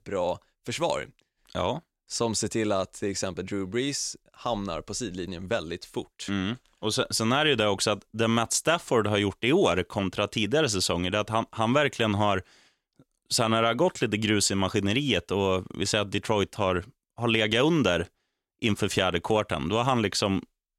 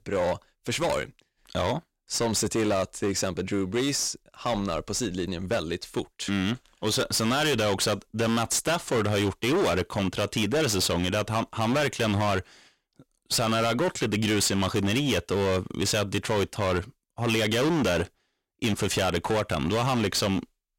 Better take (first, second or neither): first